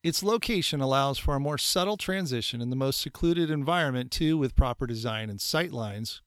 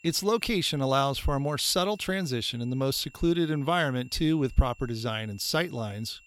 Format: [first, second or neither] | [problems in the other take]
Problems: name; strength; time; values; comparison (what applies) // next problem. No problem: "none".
first | high-pitched whine; faint; throughout; 2.5 kHz, 25 dB below the speech